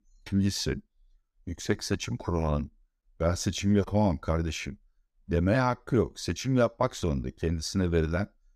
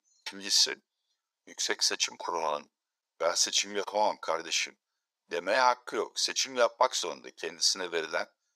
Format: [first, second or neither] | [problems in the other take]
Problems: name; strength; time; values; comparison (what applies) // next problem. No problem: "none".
first | thin; very; fading below 550 Hz